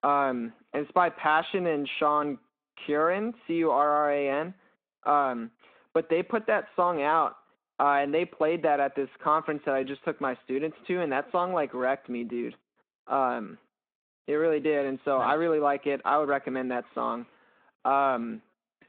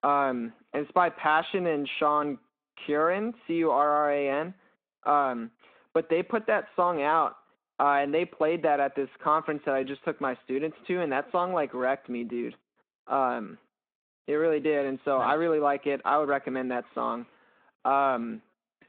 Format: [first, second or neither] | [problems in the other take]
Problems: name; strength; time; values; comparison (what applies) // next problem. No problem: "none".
neither | phone-call audio; nothing above 3.5 kHz; the same in both